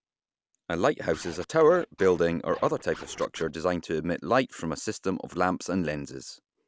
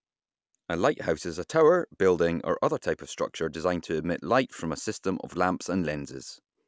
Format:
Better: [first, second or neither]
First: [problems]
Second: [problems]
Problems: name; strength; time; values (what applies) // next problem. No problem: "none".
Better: second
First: background sound (Scratching (performance technique)); 19 dB below the speech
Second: none